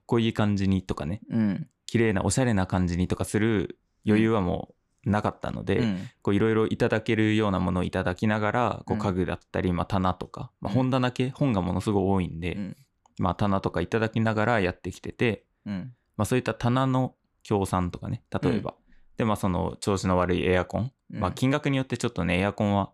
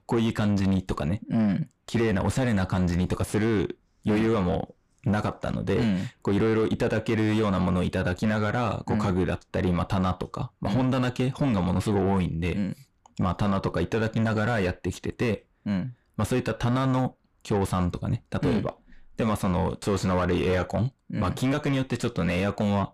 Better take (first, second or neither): first